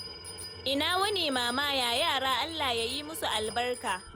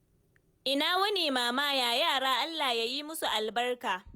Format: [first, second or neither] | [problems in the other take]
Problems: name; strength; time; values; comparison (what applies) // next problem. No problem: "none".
second | background sound (Bicycle bell + Tools); 13 dB below the speech